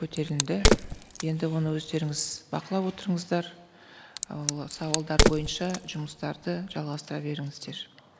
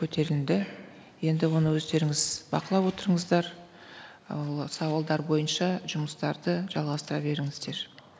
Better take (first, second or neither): second